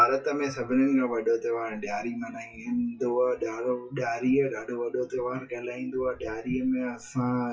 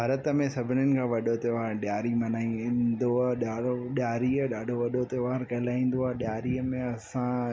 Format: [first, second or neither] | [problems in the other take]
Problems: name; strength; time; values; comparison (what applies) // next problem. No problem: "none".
second | noise reduction (classical method WPE with log-MMSE)